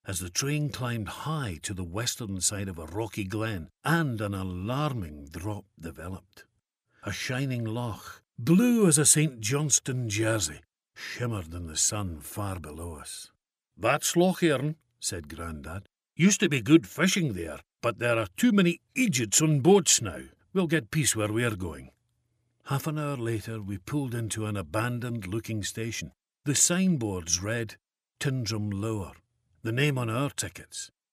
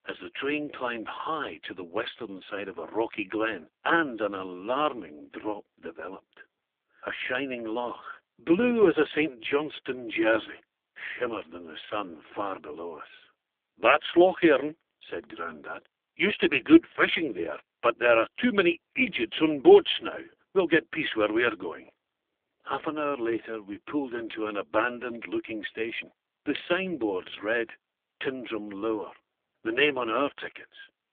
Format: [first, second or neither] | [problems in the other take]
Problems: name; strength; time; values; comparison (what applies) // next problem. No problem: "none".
first | phone-call audio; poor line; nothing above 3.5 kHz